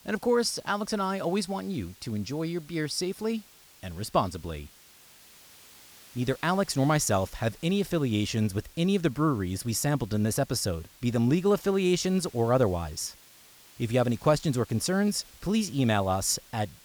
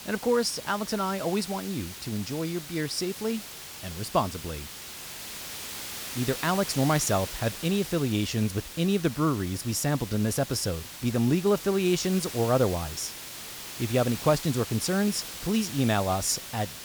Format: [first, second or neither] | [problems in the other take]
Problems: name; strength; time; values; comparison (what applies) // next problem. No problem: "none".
first | hiss; loud; throughout; 10 dB below the speech; faint in the first